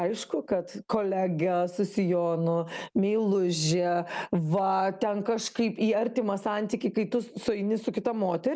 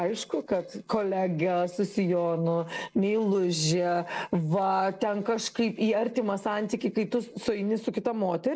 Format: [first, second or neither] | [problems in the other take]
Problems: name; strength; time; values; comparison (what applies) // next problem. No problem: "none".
first | noise reduction (neural mask model Resemble Enhance denoiser)